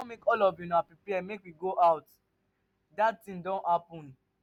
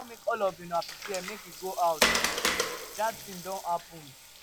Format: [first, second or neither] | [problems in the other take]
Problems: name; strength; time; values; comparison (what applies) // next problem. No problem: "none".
first | background sound (Water); as loud as the speech